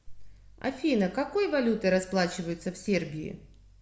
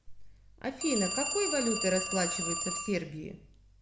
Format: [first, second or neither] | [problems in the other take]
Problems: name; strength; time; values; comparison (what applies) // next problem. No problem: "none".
first | background sound (Telephone); 2 dB below the speech